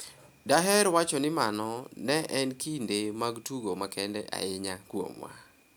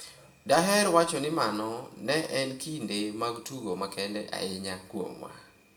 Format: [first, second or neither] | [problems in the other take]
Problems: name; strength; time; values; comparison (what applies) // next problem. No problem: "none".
first | room echo; dies away in 0.9 s